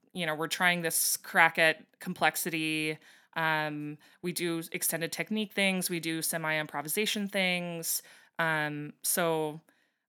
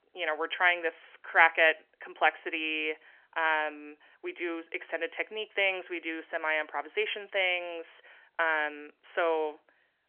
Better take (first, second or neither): first